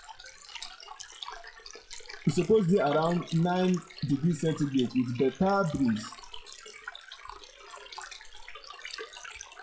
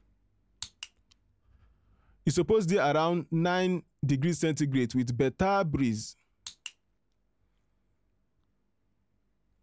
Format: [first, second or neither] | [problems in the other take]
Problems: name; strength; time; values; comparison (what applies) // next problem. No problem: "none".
second | noise reduction (classical method WPE with log-MMSE)